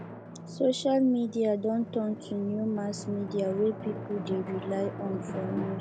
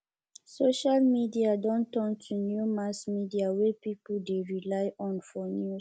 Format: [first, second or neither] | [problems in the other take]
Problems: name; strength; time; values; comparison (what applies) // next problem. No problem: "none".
second | background sound (Drum); 9 dB below the speech